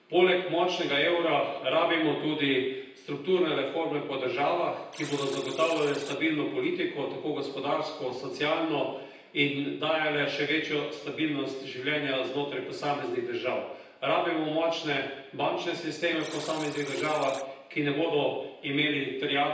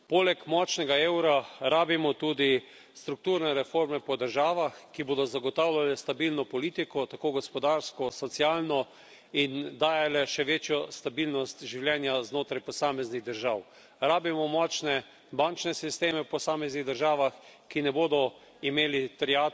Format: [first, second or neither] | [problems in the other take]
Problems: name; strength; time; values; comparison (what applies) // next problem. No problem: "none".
second | background sound (Alarm); 18 dB below the speech // room echo; dies away in 0.9 s